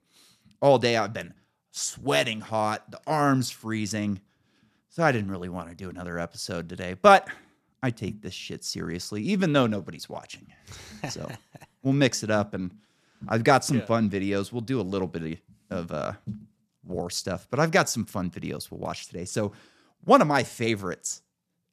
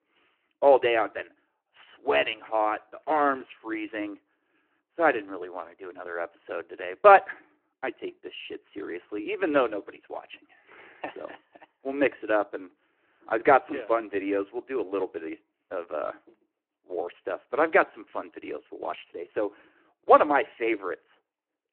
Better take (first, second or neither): first